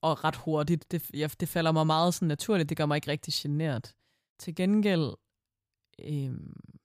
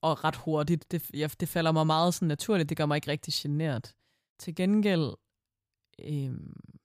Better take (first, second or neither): neither